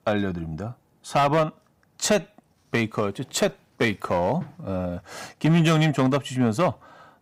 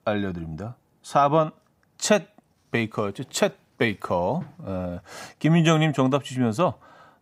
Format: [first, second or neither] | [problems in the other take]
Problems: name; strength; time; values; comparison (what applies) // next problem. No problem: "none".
second | distortion; slight; 6% of the sound clipped